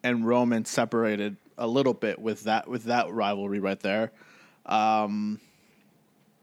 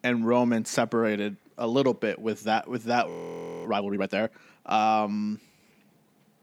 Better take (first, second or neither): first